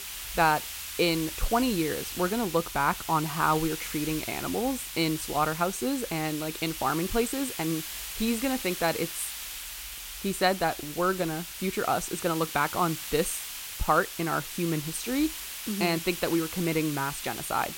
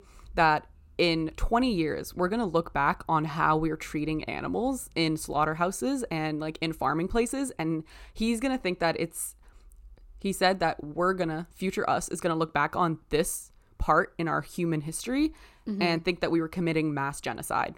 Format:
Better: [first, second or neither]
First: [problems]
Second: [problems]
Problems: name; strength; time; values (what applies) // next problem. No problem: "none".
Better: second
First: hiss; loud; throughout; 7 dB below the speech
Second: none